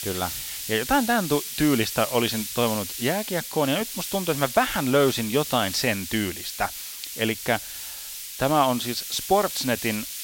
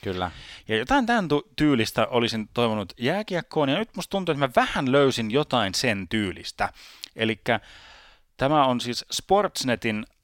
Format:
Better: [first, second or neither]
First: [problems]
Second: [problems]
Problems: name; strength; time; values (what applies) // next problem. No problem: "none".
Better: second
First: hiss; loud; throughout; 7 dB below the speech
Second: none